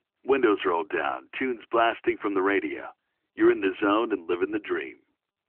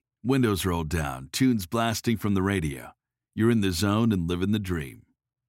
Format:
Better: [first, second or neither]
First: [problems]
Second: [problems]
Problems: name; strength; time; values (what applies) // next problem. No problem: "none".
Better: second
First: phone-call audio; nothing above 3 kHz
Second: none